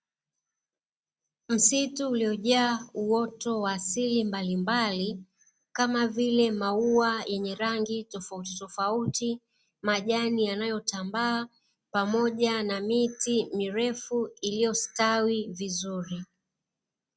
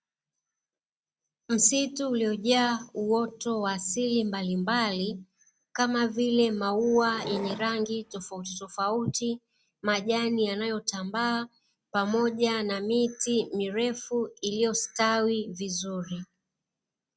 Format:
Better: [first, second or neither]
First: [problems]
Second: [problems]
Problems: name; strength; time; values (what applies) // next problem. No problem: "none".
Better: first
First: none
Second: background sound (Wood); 12 dB below the speech